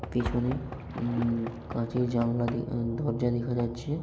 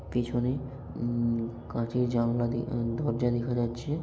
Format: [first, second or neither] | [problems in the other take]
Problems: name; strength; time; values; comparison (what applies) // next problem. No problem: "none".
second | background sound (Splash, splatter + Knock / Wood); 12 dB below the speech